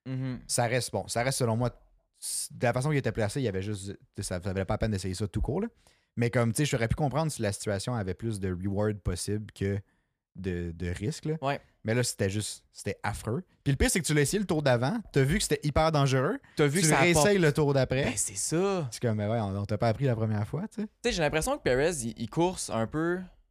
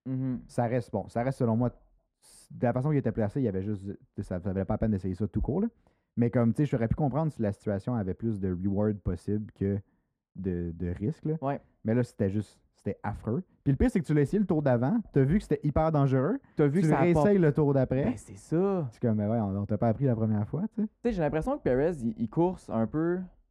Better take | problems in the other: first | muffled; very; fading above 2 kHz

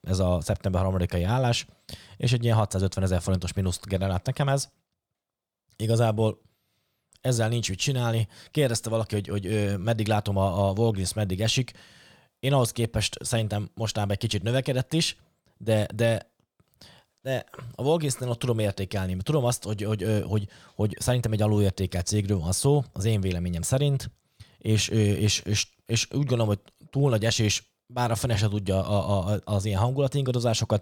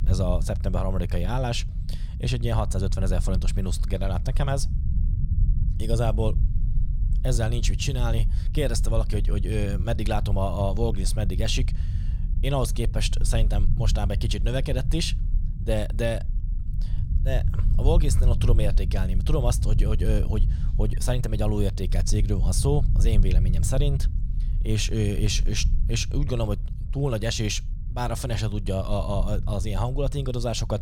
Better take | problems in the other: first | low rumble; noticeable; throughout; 15 dB below the speech

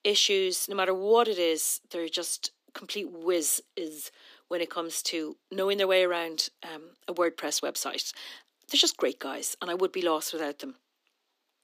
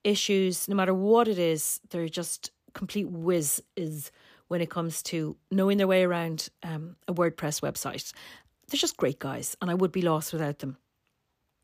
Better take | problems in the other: second | thin; somewhat; fading below 250 Hz

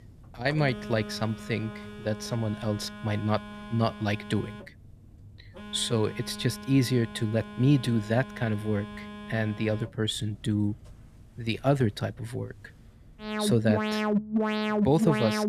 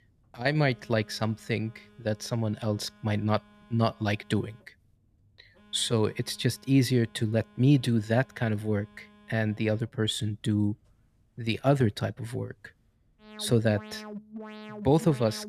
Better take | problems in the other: second | alarms or sirens; loud; throughout; 6 dB below the speech; faint in the second

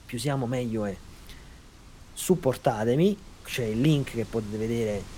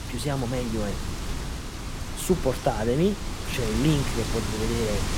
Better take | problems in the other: first | wind noise on the microphone; heavy; 5 dB below the speech; occasional gusts in the first

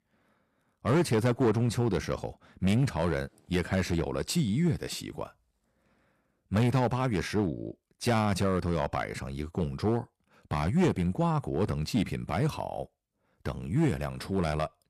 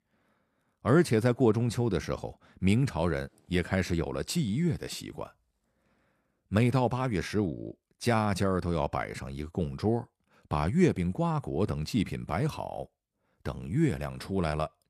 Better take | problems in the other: second | distortion; slight; 4% of the sound clipped

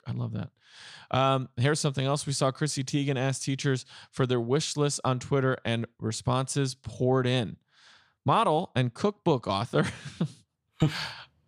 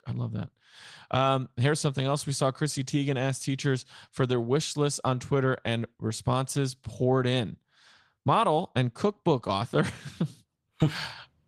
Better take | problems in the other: first | garbled, watery; slightly

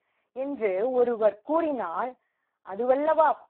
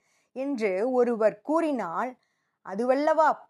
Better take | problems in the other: second | phone-call audio; poor line

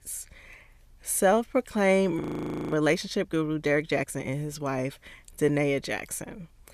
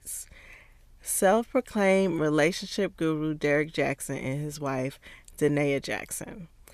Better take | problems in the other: second | audio freezing; at 2 s for 0.5 s

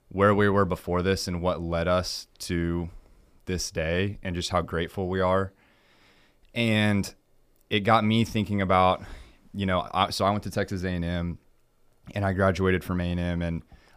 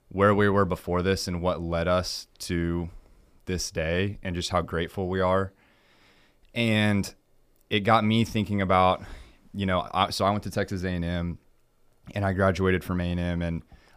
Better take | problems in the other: neither | none

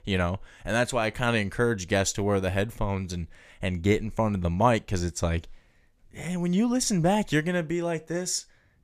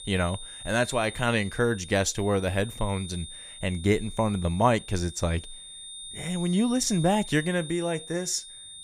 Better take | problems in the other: first | high-pitched whine; noticeable; throughout; 3.5 kHz, 15 dB below the speech

